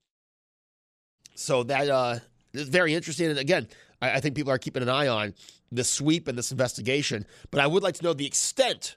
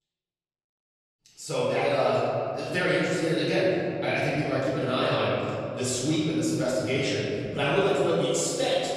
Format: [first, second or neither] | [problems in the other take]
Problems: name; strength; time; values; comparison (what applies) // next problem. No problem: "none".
first | off-mic speech; far // room echo; strong; dies away in 2.6 s